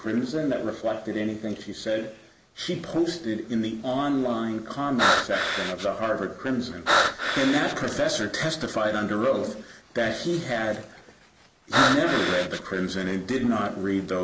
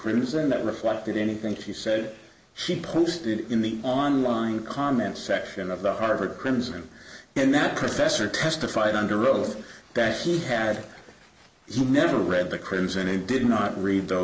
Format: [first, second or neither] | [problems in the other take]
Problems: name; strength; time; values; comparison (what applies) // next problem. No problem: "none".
second | background sound (Breathing); 2 dB above the speech